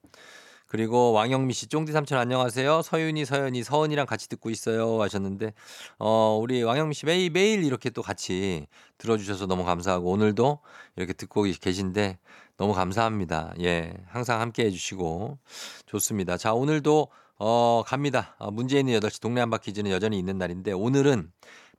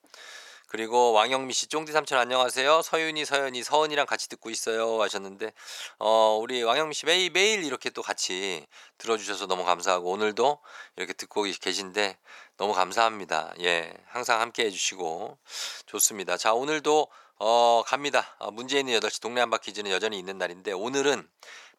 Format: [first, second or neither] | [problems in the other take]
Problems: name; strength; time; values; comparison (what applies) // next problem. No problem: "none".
first | thin; somewhat; fading below 550 Hz